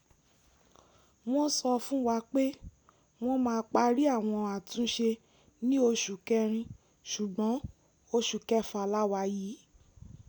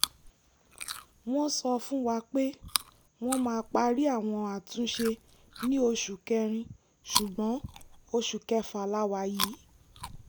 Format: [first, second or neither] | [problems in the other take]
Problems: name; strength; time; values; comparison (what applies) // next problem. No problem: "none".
first | background sound (Chewing, mastication); 9 dB below the speech